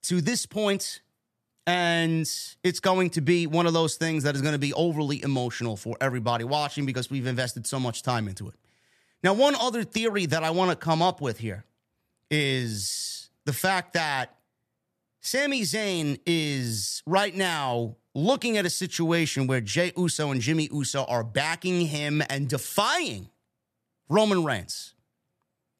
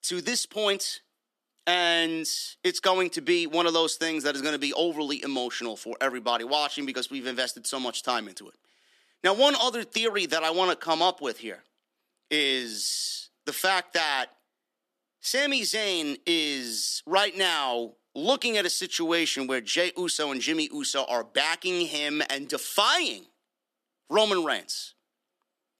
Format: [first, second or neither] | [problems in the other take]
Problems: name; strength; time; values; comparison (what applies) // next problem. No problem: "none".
first | thin; somewhat; fading below 250 Hz